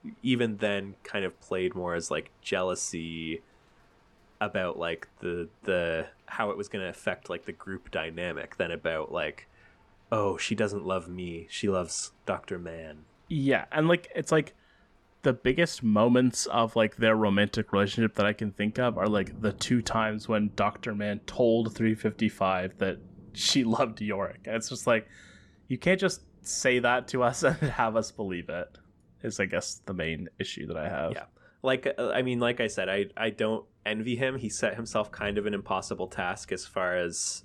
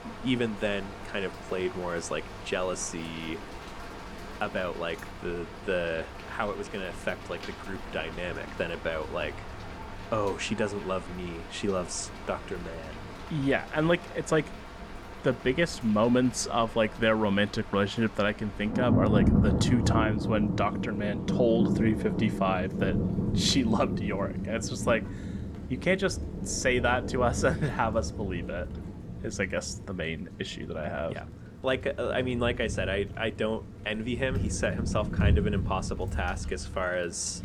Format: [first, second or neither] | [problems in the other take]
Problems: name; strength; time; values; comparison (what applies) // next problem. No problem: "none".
first | rain or running water; loud; throughout; 4 dB below the speech; faint in the first